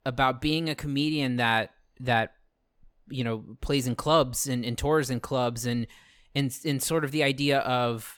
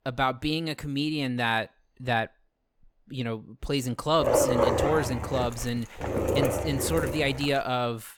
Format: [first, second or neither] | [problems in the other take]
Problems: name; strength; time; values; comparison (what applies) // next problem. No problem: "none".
first | dog barking; loud; from 4 to 7.5 s; peak 6 dB above the speech